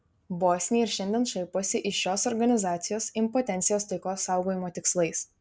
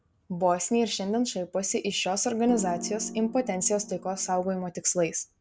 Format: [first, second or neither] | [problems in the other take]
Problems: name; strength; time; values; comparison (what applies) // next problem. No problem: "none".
first | background sound (Piano); 11 dB below the speech